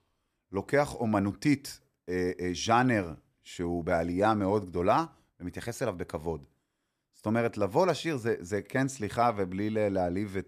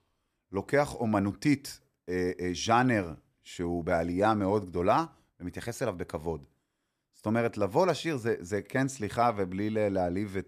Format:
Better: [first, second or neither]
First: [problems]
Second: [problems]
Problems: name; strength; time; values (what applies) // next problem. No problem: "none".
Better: neither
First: none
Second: none